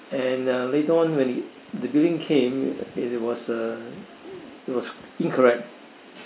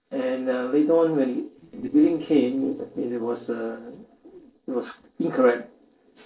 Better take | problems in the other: first | noise reduction (neural separator model SepFormer DNS4)

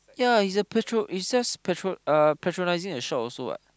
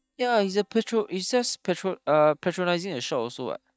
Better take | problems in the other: first | noise reduction (neural mask model DeepFilterNet 3)

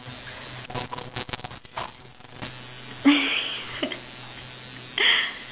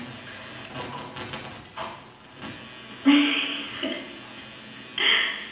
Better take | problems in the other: first | room echo; dies away in 0.9 s

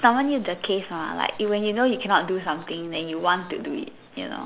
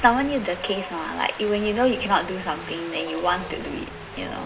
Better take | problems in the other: first | background sound (Wind); 12 dB below the speech // room echo; dies away in 0.2 s

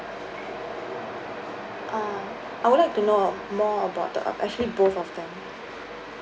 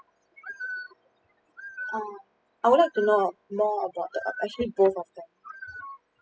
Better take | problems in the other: first | noise reduction (classical method spectral subtraction)

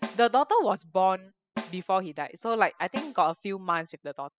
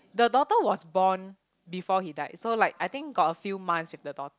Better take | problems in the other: second | noise reduction (classical method spectral subtraction)

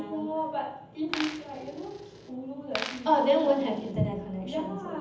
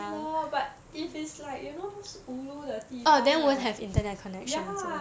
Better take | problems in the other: second | background sound (Coin (dropping)); 11 dB below the speech // room echo; dies away in 0.8 s

